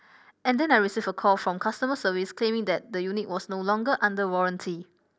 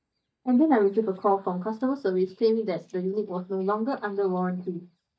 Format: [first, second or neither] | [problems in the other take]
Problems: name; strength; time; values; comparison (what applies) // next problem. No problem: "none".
first | noise reduction (neural mask model DeepFilterNet 3)